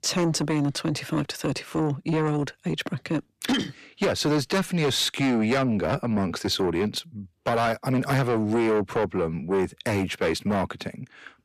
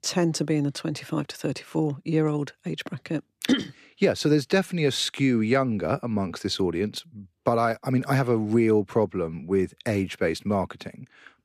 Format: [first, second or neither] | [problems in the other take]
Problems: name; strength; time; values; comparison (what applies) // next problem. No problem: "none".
second | distortion; heavy; 7 dB below the speech